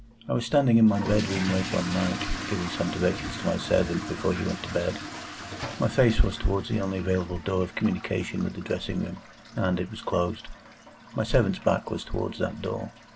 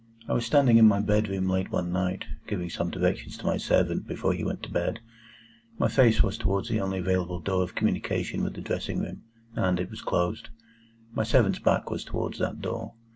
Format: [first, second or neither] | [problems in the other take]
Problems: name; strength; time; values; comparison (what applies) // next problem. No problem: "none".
second | background sound (Fill (with liquid) / Toilet flush); 12 dB below the speech